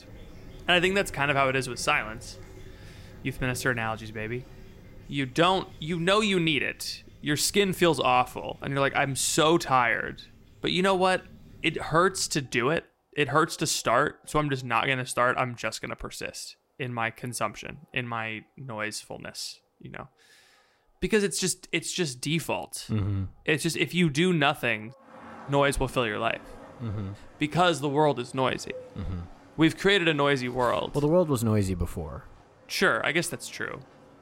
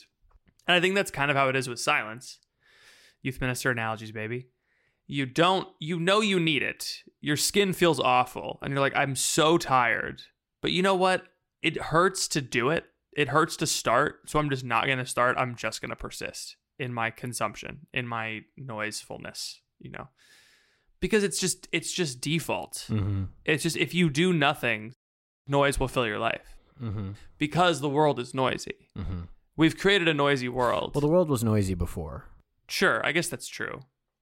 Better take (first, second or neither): second